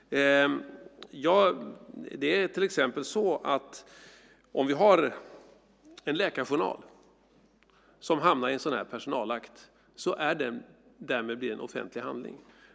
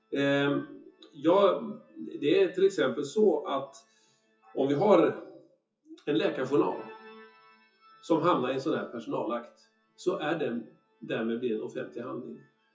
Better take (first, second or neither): first